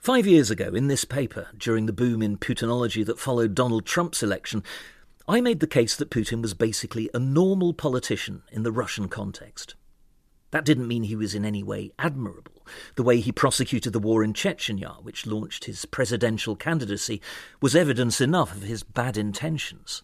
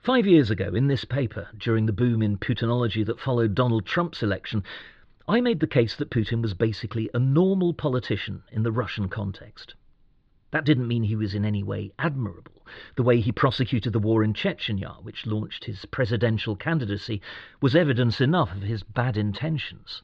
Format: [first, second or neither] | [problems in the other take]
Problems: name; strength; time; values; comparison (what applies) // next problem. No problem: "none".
first | muffled; slightly; fading above 4 kHz